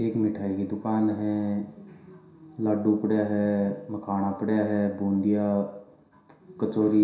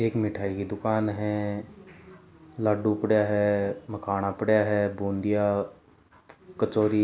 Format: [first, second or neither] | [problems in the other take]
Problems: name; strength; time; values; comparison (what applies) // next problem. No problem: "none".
second | room echo; dies away in 0.7 s